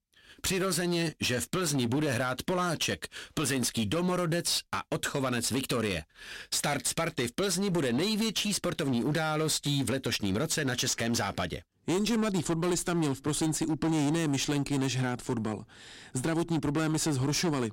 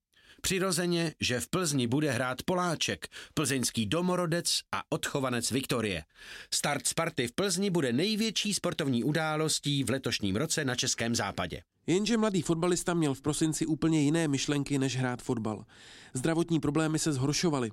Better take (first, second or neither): second